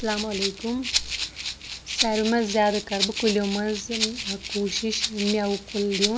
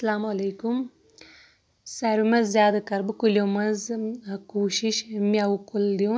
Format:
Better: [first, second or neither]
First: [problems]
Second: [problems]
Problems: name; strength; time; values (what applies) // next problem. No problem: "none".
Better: second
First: background sound (Rattle (instrument)); 4 dB below the speech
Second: none